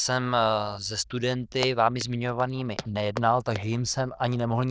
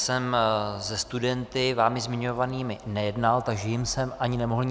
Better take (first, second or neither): second